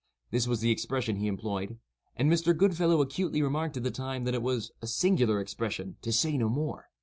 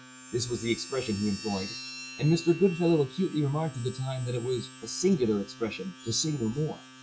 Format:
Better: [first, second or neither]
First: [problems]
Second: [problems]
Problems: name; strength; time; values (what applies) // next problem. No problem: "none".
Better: first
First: none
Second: noise reduction (classical method log-MMSE)